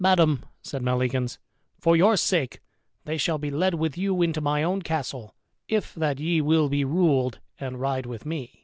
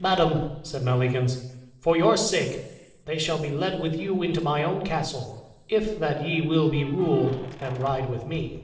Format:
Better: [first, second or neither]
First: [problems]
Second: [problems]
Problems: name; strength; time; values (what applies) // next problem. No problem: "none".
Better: first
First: none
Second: noise reduction (neural separator model SepFormer DNS4)